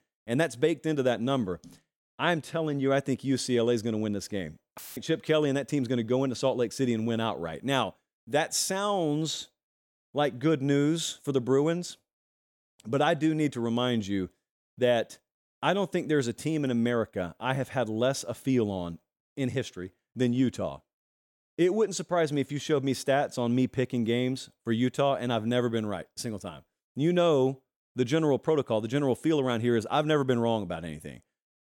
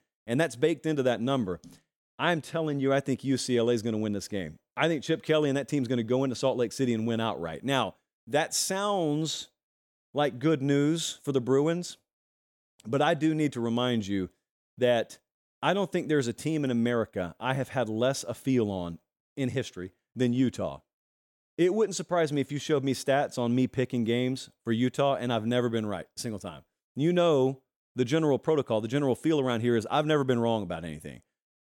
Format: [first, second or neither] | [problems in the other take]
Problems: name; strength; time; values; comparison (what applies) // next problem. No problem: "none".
second | audio cutting out; filled with static; at 5 s